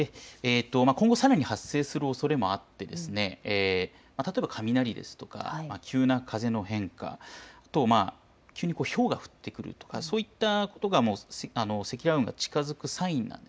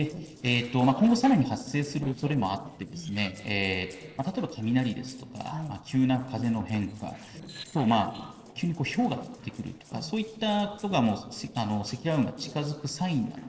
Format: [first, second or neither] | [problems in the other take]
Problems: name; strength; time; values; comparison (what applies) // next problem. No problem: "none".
first | noise reduction (neural separator model SepFormer DNS4)